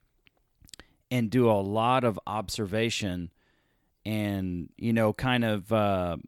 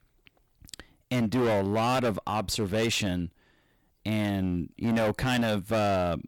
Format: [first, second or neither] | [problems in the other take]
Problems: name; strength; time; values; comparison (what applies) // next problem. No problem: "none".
first | distortion; heavy; 16% of the sound clipped